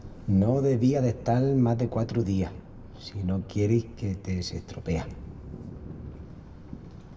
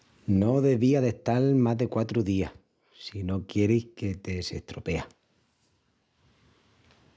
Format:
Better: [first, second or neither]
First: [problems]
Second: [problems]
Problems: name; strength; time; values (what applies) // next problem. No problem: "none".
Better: second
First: background sound (Thunder); 15 dB below the speech // room echo; dies away in 0.9 s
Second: none